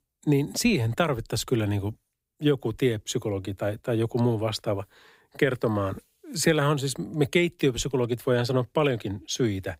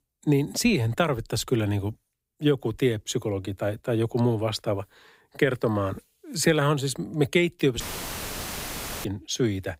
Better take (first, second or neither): first